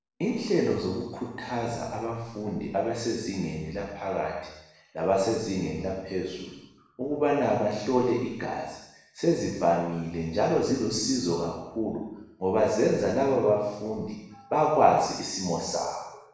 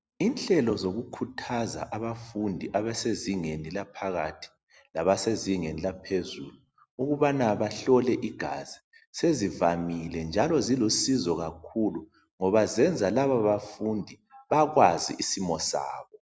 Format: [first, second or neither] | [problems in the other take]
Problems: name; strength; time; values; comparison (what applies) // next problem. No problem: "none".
second | room echo; dies away in 0.9 s